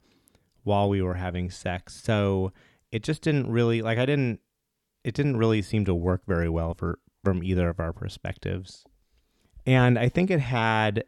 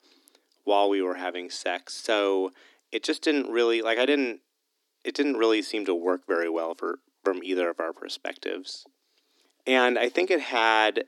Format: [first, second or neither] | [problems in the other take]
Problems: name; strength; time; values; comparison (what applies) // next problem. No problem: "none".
first | thin; somewhat; fading below 250 Hz